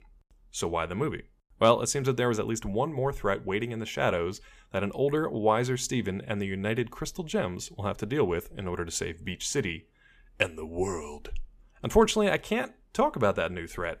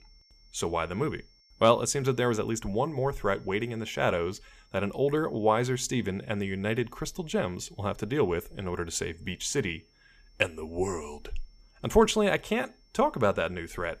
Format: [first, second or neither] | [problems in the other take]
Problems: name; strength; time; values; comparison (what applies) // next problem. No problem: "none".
first | high-pitched whine; faint; throughout; 5.5 kHz, 35 dB below the speech